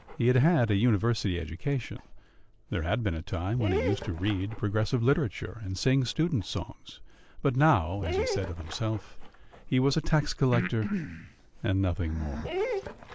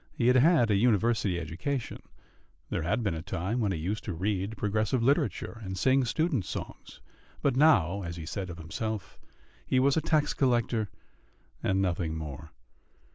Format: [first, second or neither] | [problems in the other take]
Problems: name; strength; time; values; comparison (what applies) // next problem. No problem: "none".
second | background sound (Breathing + Dog); 10 dB below the speech